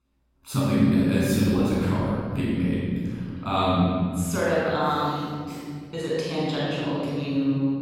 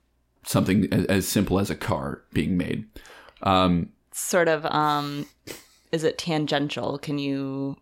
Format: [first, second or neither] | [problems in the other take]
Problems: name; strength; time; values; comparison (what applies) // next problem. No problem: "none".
second | off-mic speech; far // room echo; strong; dies away in 2.7 s